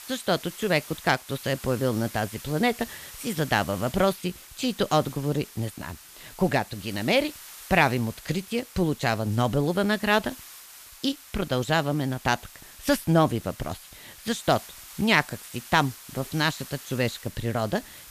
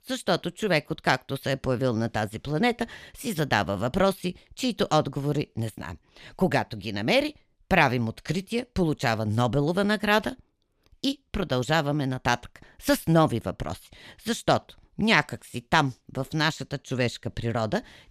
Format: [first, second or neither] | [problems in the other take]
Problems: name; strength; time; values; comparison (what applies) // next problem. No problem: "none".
second | hiss; noticeable; throughout; 15 dB below the speech